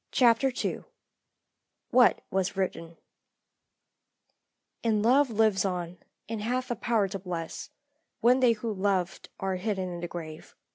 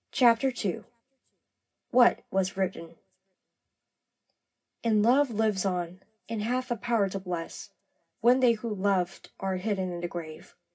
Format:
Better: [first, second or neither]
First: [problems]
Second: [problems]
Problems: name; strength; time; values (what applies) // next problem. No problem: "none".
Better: first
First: none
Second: room echo; dies away in 0.4 s